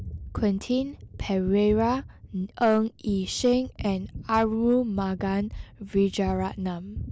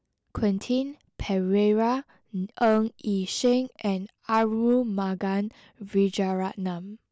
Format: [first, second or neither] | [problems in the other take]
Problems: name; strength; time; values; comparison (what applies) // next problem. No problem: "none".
second | background sound (Gunshot, gunfire); 13 dB below the speech